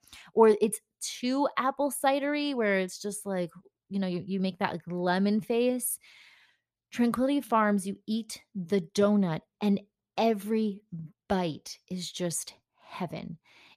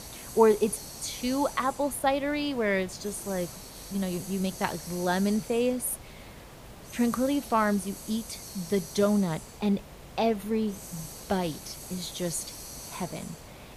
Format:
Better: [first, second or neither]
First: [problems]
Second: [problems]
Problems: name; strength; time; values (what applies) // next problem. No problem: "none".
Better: first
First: none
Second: hiss; noticeable; throughout; 15 dB below the speech